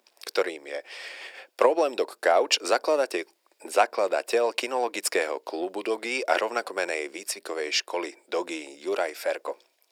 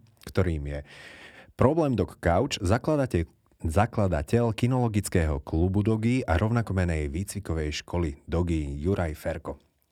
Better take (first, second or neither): second